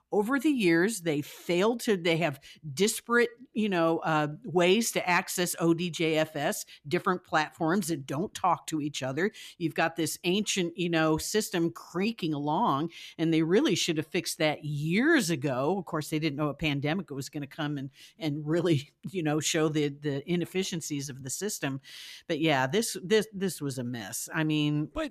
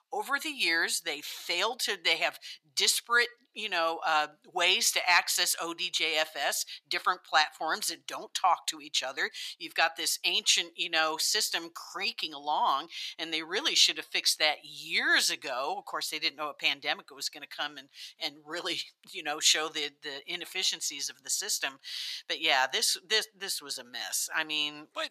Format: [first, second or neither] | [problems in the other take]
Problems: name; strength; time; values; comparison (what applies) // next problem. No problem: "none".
first | thin; very; fading below 950 Hz